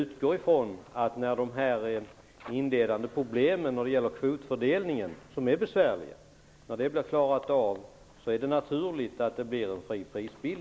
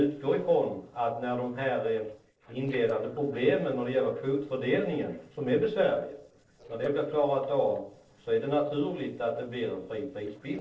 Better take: first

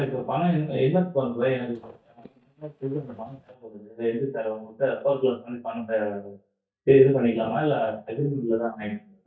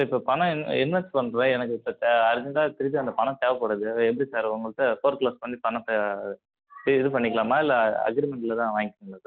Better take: second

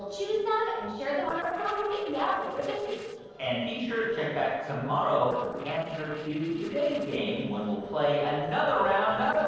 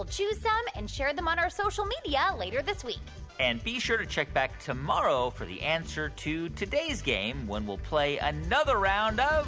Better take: second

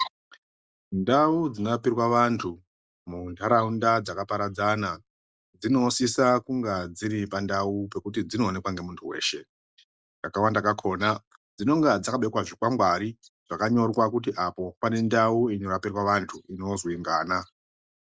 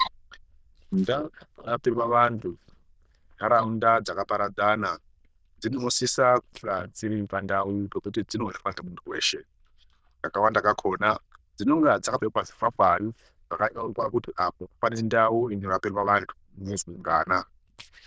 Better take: first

